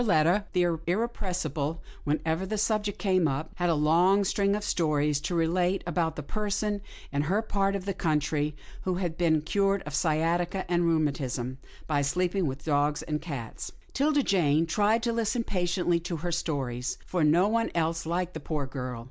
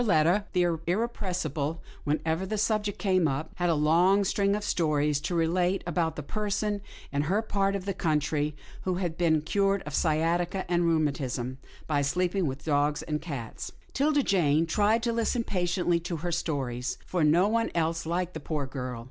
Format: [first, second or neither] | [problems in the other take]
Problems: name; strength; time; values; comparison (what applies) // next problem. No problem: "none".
first | background sound (Marimba, xylophone / Wood); 12 dB below the speech